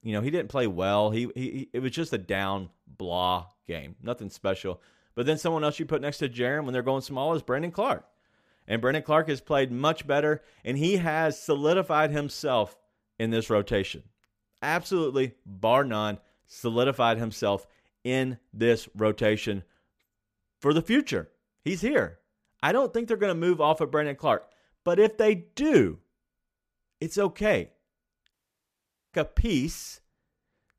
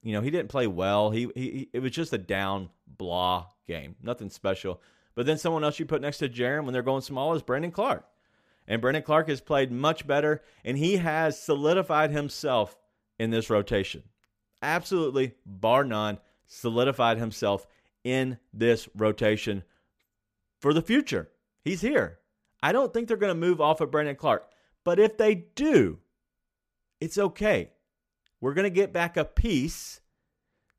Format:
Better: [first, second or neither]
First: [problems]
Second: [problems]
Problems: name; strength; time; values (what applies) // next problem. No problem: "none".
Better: second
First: audio cutting out; at 28 s for 1 s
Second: none